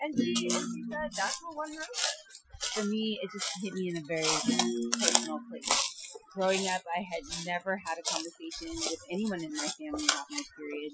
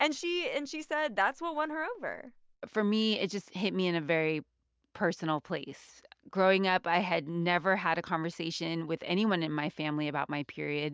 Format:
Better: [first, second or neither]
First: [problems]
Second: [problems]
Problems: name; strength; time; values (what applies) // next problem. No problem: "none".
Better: second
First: noise reduction (classical method Wiener filter)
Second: none